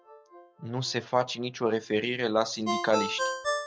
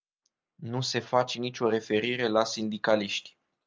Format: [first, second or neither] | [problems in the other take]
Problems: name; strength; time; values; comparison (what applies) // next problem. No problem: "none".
second | background sound (Ringtone); 6 dB below the speech